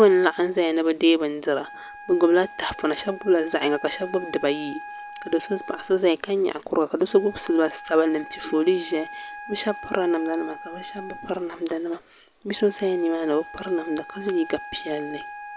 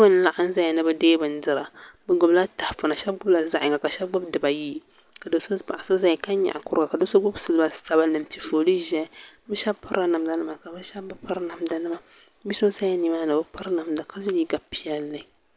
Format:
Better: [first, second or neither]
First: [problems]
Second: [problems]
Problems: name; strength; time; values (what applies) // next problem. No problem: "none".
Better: second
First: background sound (Wind instrument, woodwind instrument); 16 dB below the speech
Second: none